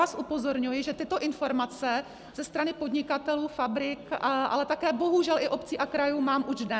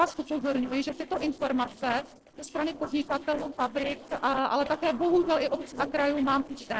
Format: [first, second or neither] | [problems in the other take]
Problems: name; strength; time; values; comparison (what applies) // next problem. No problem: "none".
first | noise reduction (neural separator model SepFormer DNS4)